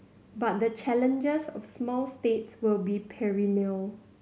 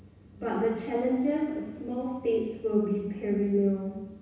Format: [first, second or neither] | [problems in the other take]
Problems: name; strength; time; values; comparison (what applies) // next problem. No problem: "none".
first | room echo; dies away in 1.1 s